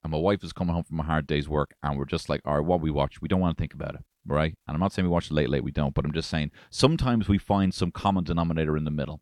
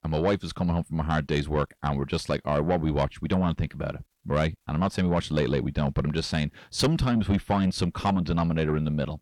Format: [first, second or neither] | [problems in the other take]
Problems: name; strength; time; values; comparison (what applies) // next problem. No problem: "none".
first | distortion; slight; 10 dB below the speech